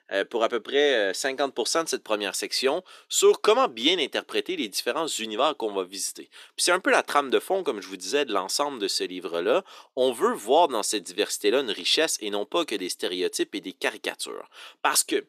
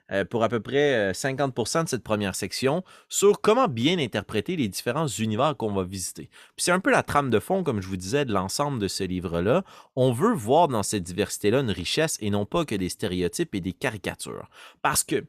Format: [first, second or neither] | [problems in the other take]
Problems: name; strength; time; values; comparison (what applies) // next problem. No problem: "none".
second | thin; somewhat; fading below 300 Hz